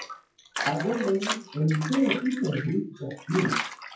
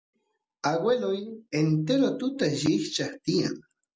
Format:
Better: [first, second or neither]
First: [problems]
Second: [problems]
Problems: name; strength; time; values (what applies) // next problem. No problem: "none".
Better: second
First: noise reduction (classical method WPE with log-MMSE)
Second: none